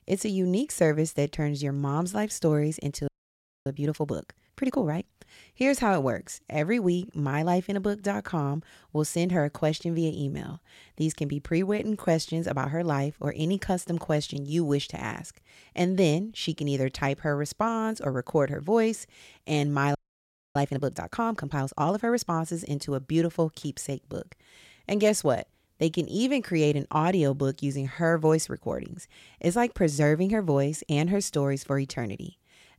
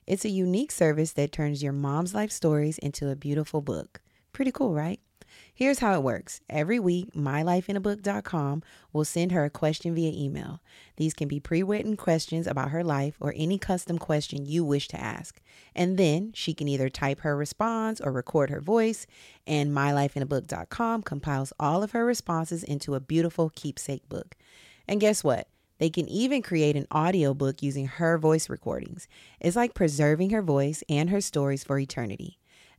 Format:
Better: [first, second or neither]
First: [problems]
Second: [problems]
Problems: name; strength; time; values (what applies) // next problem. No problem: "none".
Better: second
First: audio freezing; at 3 s for 0.5 s and at 20 s for 0.5 s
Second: none